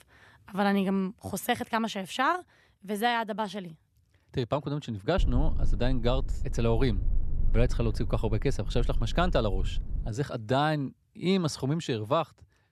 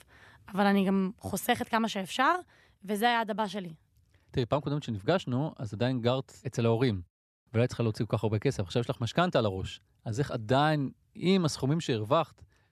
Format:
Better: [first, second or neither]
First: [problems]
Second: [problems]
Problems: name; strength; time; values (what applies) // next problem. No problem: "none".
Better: second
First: low rumble; faint; from 5 to 10 s; 20 dB below the speech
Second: none